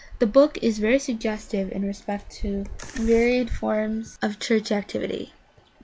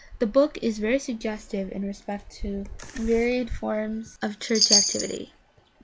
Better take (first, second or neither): first